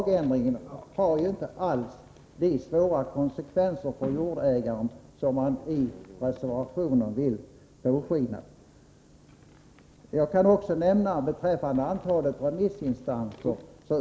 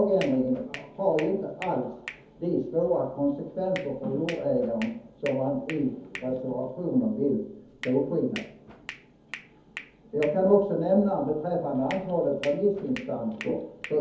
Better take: first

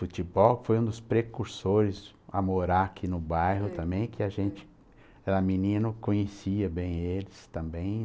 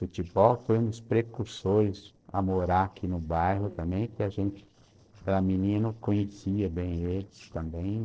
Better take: first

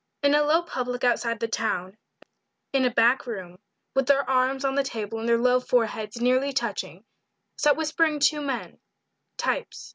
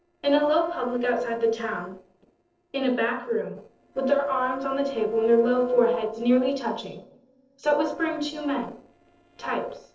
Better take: first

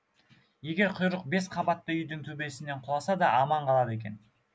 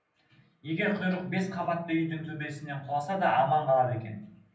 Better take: first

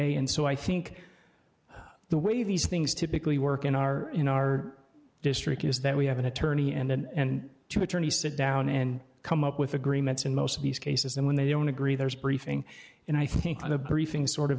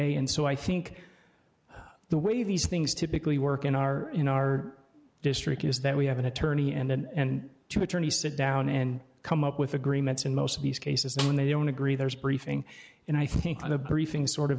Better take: first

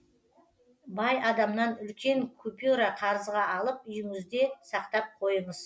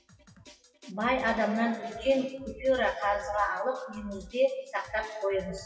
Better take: first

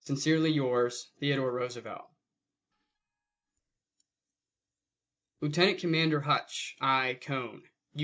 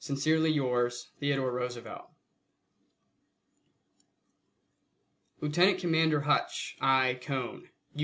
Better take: second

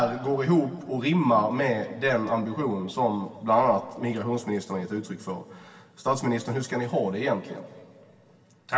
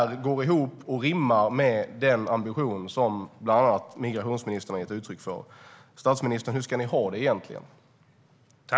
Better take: second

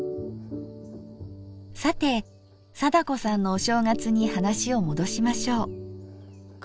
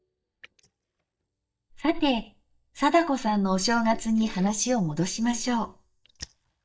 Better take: first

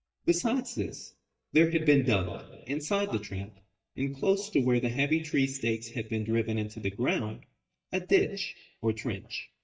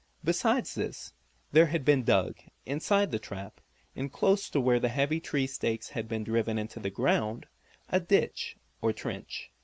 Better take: second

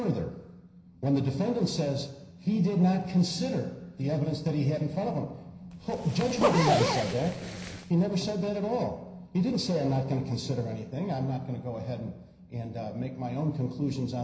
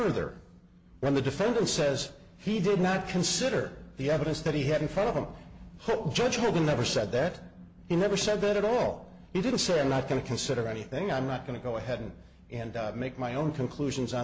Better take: second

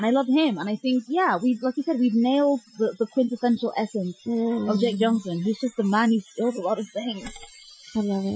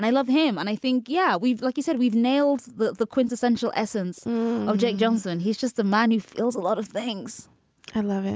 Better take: second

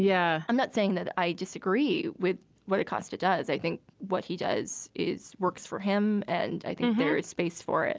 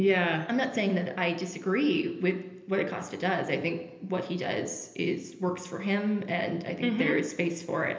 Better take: first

